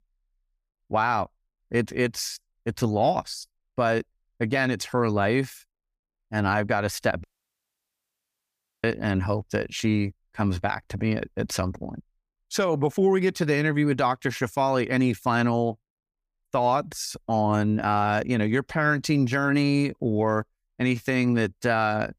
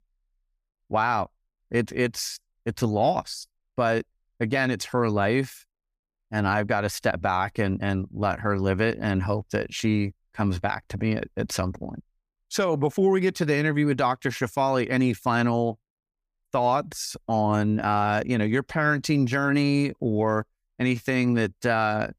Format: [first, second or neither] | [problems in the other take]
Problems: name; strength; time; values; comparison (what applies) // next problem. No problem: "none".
second | audio cutting out; at 7 s for 1.5 s